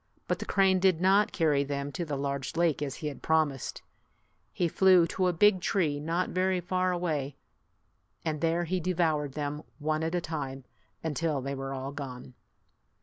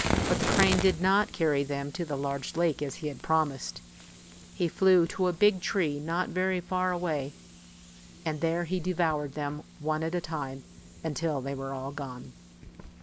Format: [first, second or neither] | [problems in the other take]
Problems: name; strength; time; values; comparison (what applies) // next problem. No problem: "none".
first | background sound (Fire); 9 dB below the speech